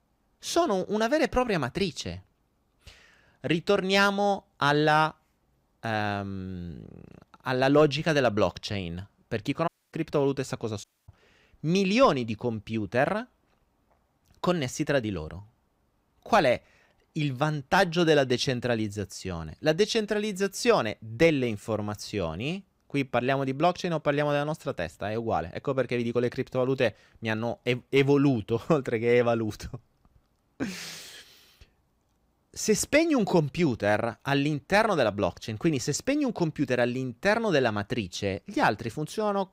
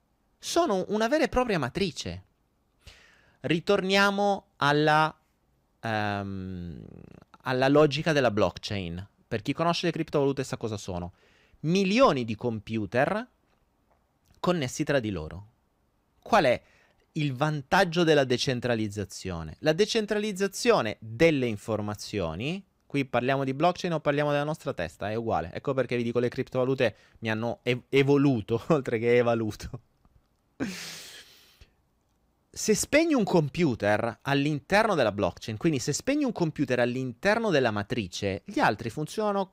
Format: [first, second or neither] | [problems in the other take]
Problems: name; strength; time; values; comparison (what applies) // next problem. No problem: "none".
second | audio cutting out; at 9.5 s and at 11 s